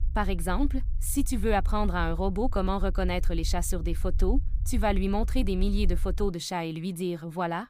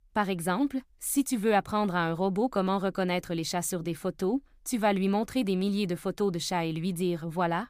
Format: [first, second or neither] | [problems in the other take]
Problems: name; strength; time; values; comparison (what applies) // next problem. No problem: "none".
second | low rumble; faint; until 6.5 s; 25 dB below the speech